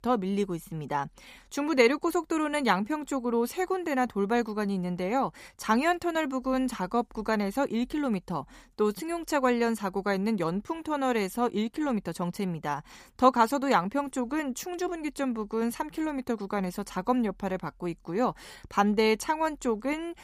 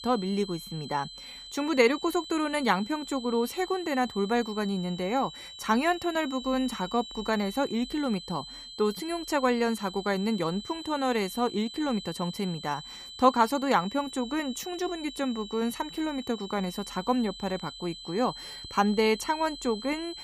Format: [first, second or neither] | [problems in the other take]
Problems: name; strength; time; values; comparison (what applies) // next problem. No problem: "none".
first | high-pitched whine; noticeable; throughout; 4 kHz, 10 dB below the speech